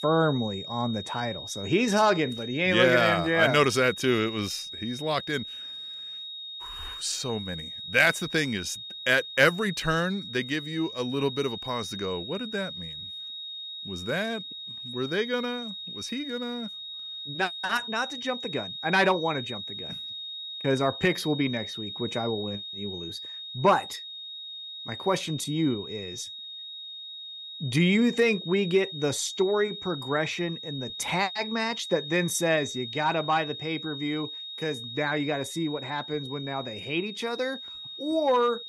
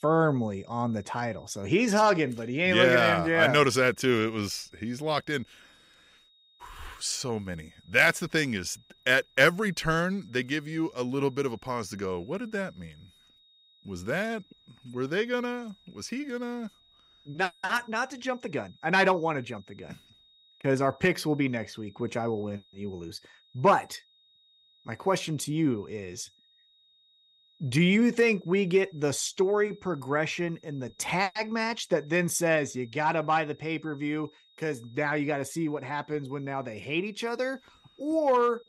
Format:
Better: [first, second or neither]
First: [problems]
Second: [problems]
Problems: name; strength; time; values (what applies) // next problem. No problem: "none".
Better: second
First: high-pitched whine; loud; throughout; 3.5 kHz, 9 dB below the speech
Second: high-pitched whine; faint; throughout; 3.5 kHz, 30 dB below the speech